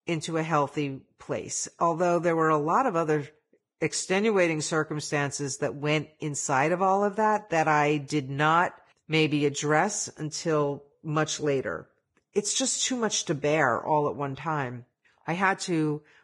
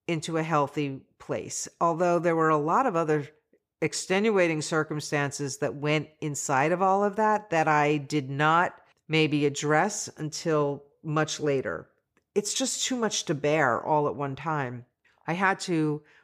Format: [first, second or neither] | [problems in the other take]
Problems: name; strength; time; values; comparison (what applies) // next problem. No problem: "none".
second | garbled, watery; badly